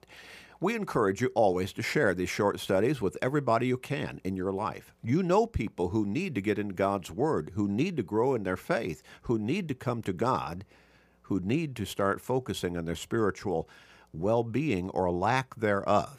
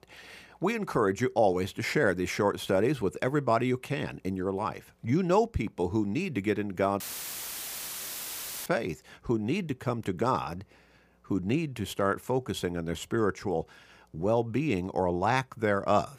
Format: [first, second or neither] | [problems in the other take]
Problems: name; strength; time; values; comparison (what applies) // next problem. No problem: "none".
first | audio cutting out; filled with static; at 7 s for 1.5 s